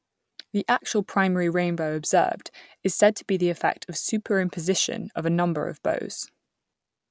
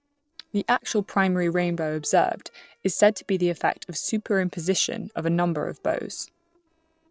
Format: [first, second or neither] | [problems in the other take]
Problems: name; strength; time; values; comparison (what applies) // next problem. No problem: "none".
first | noise reduction (neural separator model SepFormer DNS4)